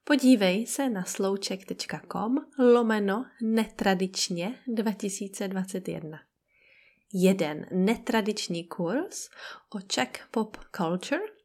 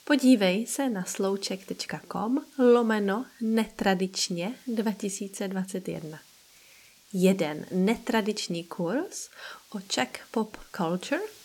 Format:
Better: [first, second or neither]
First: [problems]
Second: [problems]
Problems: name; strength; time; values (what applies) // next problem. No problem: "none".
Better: first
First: none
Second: hiss; faint; throughout; 25 dB below the speech